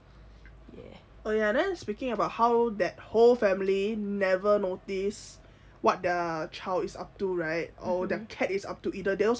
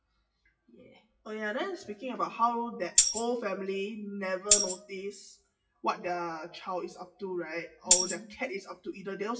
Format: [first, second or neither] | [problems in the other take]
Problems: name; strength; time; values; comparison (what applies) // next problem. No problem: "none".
first | noise reduction (classical method WPE with log-MMSE)